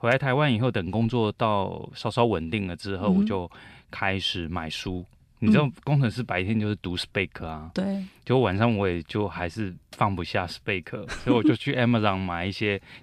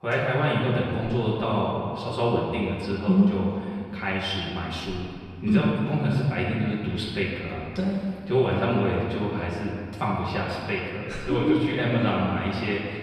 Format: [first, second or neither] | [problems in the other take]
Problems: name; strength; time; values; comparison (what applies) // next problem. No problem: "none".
first | off-mic speech; far // room echo; noticeable; dies away in 2 s